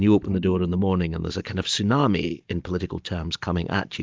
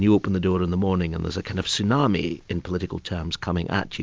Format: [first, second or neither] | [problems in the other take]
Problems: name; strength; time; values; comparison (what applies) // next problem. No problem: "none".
second | noise reduction (neural mask model DeepFilterNet 3)